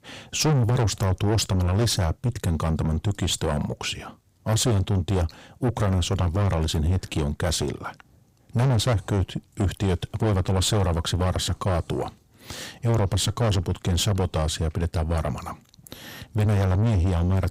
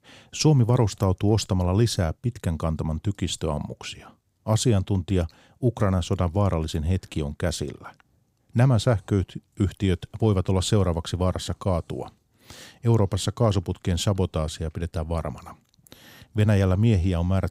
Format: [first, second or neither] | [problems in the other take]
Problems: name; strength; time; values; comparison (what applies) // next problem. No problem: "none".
second | distortion; heavy; 5 dB below the speech